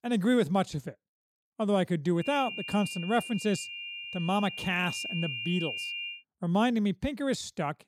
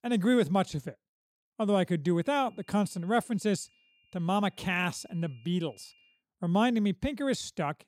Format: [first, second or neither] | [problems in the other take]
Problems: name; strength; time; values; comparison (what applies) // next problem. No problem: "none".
second | high-pitched whine; loud; from 2.5 to 6 s; 3 kHz, 6 dB below the speech; faint in the second